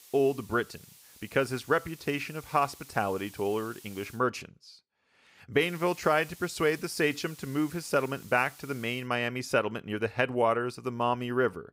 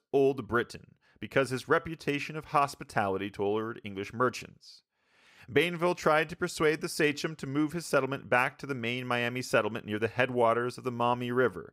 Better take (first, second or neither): second